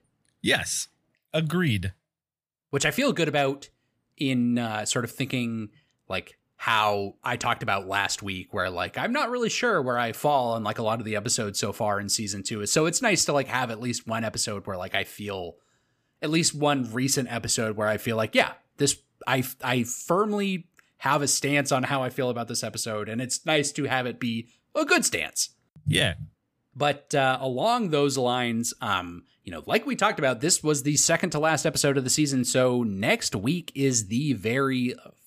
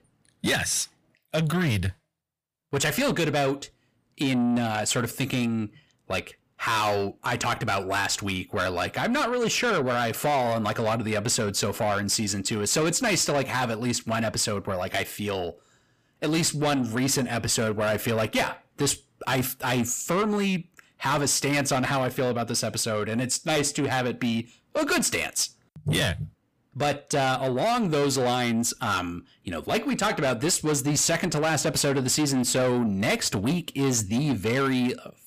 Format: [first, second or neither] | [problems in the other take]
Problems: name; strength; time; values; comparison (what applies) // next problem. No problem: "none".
first | distortion; heavy; 8 dB below the speech